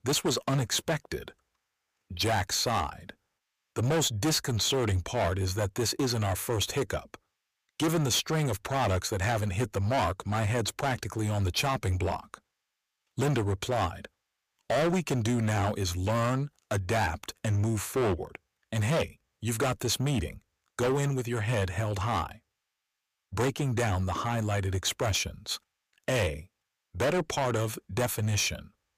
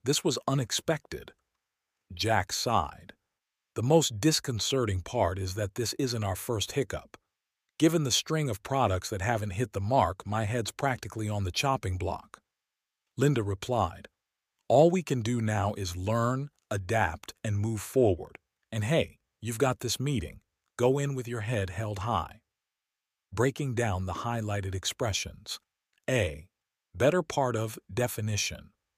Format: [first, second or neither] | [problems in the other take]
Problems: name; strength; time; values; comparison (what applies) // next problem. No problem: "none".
second | distortion; heavy; 12% of the sound clipped